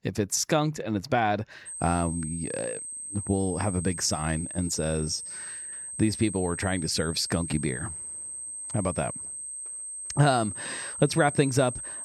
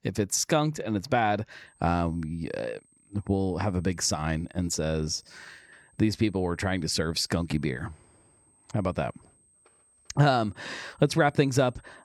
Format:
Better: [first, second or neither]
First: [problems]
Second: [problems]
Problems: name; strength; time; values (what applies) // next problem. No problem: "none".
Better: second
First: high-pitched whine; loud; from 1.5 s on; 8.5 kHz, 7 dB below the speech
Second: high-pitched whine; faint; from 1.5 s on; 8.5 kHz, 35 dB below the speech